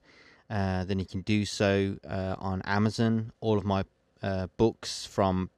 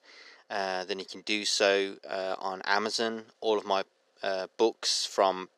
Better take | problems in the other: first | thin; very; fading below 400 Hz

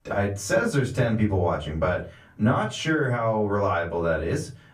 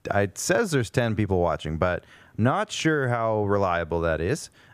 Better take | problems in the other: second | off-mic speech; far // room echo; very slight; dies away in 0.3 s

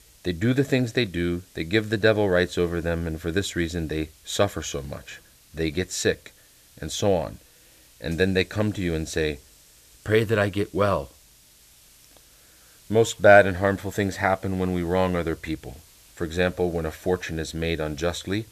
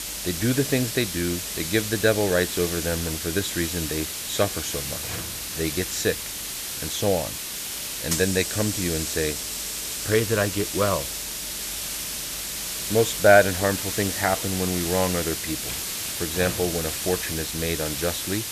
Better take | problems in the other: first | hiss; loud; throughout; 3 dB below the speech; faint in the first

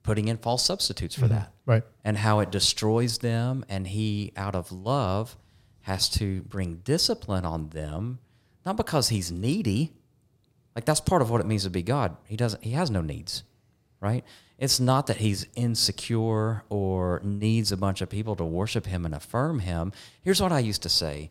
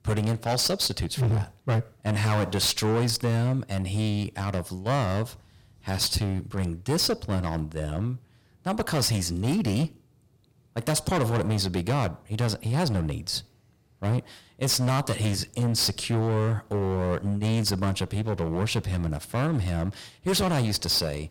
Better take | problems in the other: first | distortion; heavy; 14% of the sound clipped

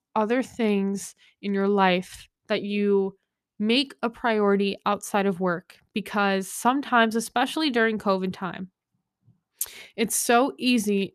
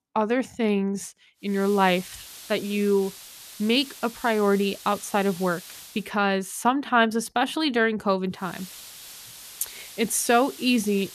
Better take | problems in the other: first | hiss; noticeable; from 1.5 to 6 s and from 8.5 s on; 15 dB below the speech

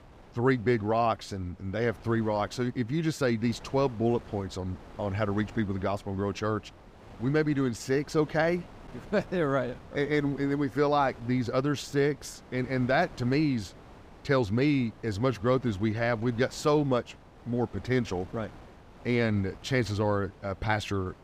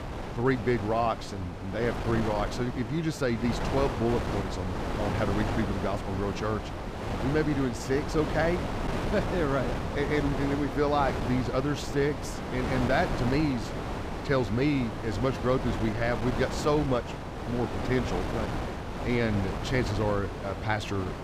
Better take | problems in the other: first | wind noise on the microphone; heavy; 4 dB below the speech; occasional gusts in the first

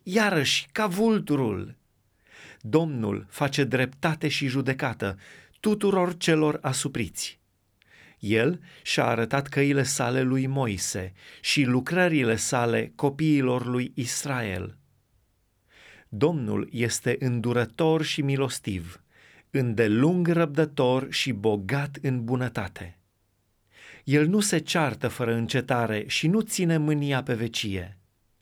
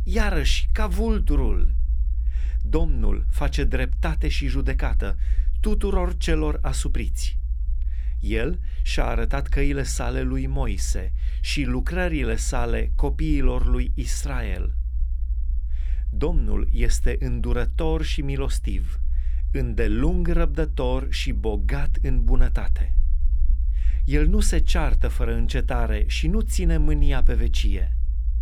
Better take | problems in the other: first | low rumble; noticeable; throughout; 20 dB below the speech

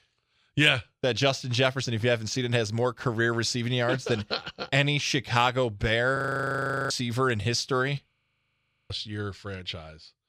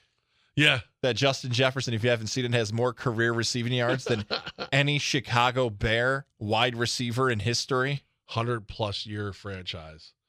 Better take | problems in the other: second | audio freezing; at 6 s for 0.5 s and at 8 s for 1 s

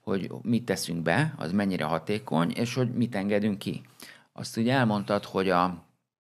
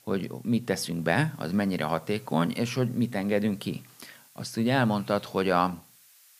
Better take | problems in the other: first | hiss; faint; throughout; 25 dB below the speech

